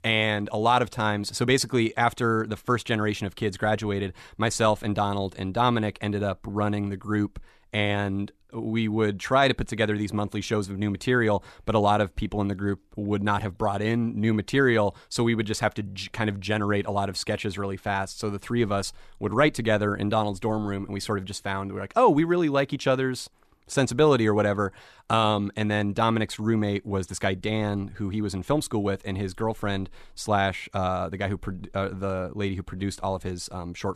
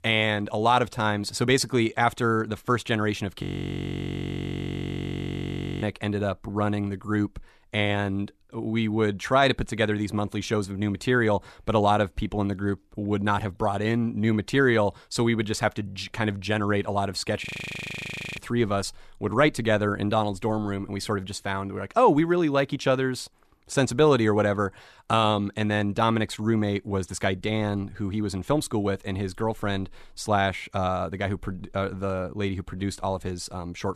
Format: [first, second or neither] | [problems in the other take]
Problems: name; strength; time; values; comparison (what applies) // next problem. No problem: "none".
first | audio freezing; at 3.5 s for 2.5 s and at 17 s for 1 s